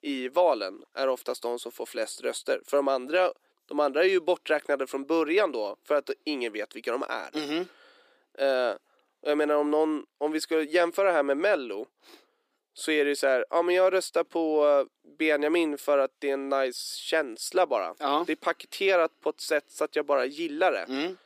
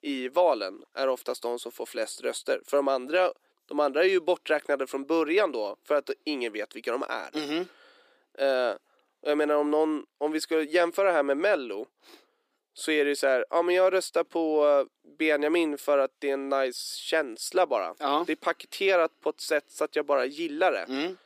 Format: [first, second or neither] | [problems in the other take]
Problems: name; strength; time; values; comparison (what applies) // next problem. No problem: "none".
neither | thin; somewhat; fading below 300 Hz; the same in both